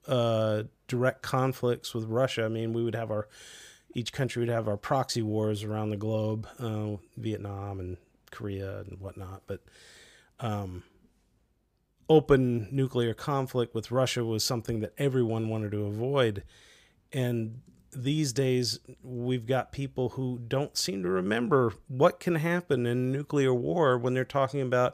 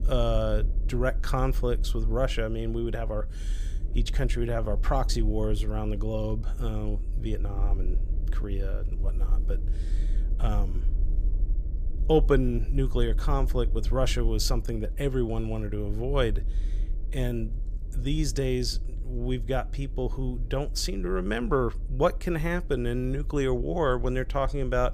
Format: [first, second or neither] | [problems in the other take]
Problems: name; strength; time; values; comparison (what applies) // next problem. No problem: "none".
first | low rumble; faint; throughout; 20 dB below the speech